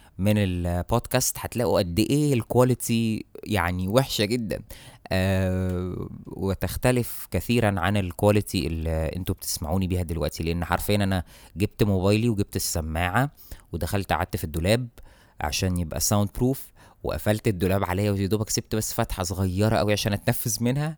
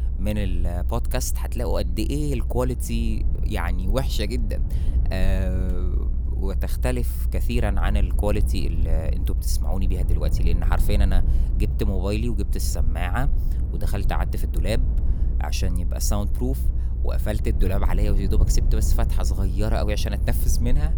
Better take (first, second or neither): first